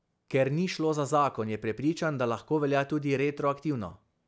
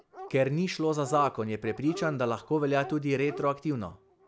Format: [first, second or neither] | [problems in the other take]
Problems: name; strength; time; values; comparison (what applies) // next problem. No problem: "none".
first | background sound (Dog); 16 dB below the speech